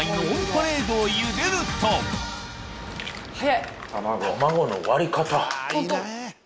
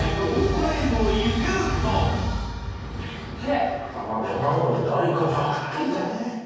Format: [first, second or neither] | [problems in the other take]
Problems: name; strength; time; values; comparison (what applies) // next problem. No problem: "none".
first | room echo; dies away in 1.3 s